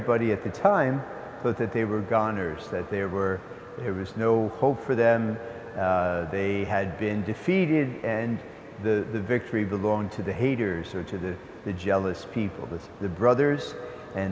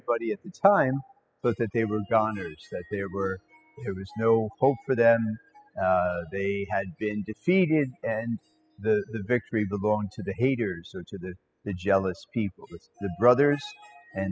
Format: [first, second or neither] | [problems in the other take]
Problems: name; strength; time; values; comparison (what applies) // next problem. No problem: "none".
first | noise reduction (classical method spectral subtraction)